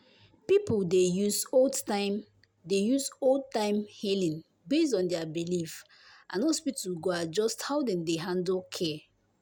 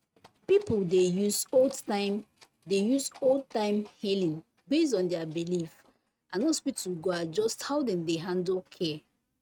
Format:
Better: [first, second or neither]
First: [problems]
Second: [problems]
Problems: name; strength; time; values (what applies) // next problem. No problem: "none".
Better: first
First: none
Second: noise reduction (neural mask model RNNoise)